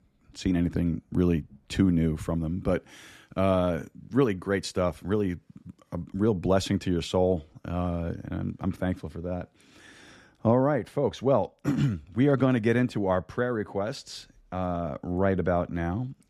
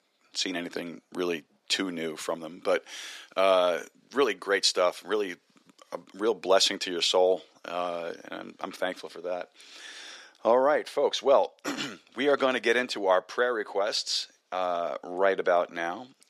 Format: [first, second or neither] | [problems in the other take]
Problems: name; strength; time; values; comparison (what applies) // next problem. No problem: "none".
first | thin; very; fading below 450 Hz